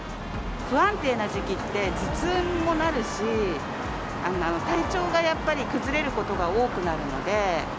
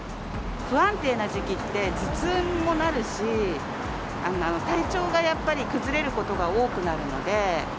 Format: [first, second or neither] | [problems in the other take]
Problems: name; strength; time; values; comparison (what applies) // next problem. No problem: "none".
second | background sound (Trumpet); 17 dB below the speech